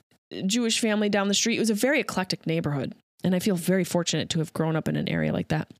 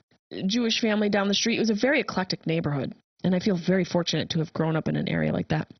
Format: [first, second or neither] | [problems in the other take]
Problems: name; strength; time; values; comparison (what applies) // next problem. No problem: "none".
first | garbled, watery; badly; nothing above 6 kHz